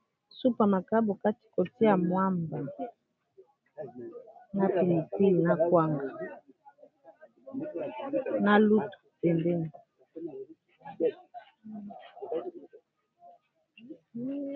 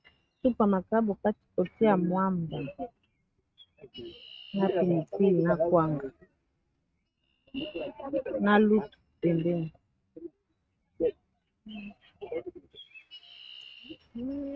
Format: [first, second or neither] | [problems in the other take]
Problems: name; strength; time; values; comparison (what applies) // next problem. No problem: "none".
first | noise reduction (neural mask model RNNoise)